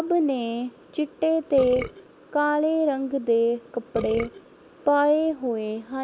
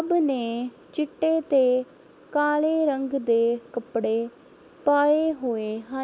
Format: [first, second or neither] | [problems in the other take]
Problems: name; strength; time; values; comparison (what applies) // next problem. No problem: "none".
second | background sound (Burping, eructation); 10 dB below the speech